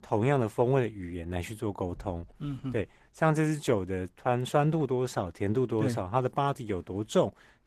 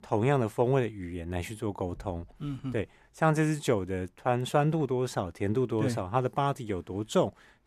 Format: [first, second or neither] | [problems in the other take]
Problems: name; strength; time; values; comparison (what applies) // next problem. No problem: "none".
second | garbled, watery; slightly; nothing above 14.5 kHz